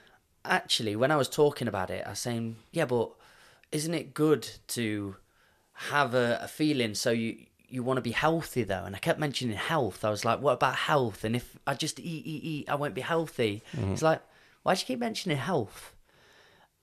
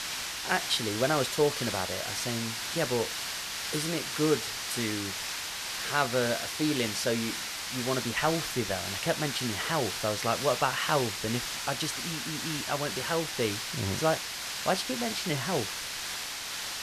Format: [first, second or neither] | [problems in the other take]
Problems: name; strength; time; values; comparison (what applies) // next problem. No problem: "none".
first | hiss; loud; throughout; 2 dB below the speech